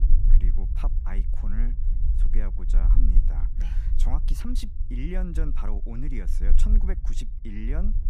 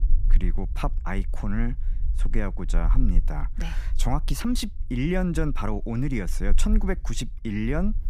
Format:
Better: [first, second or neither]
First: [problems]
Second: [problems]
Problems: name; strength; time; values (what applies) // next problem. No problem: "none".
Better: second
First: low rumble; loud; throughout; 7 dB below the speech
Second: low rumble; faint; throughout; 20 dB below the speech